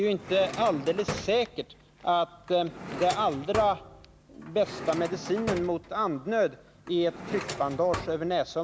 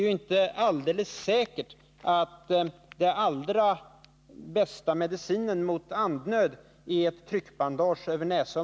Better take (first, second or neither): second